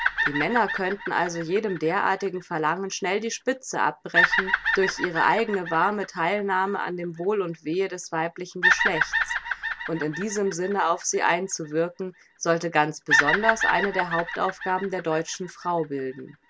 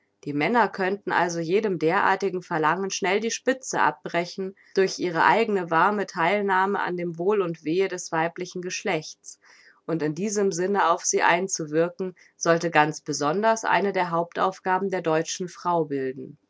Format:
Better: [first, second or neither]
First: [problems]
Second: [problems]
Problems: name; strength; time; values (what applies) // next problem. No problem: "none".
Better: second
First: background sound (Bird vocalization, bird call, bird song); 3 dB below the speech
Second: none